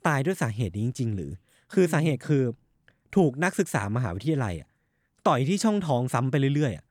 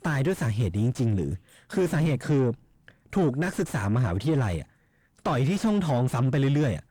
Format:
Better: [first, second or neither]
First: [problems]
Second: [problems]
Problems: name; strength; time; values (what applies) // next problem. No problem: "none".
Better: first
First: none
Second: distortion; heavy; 7 dB below the speech